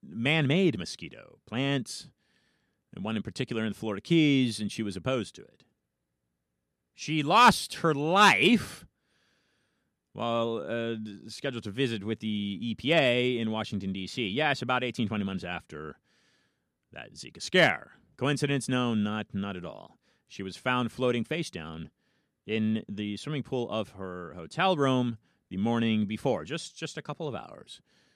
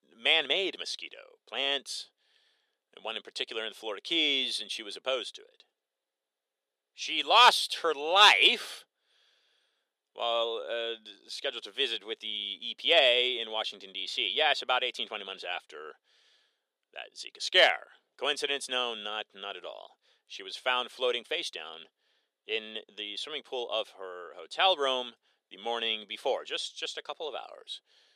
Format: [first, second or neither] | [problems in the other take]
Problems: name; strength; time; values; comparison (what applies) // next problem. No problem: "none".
first | thin; very; fading below 450 Hz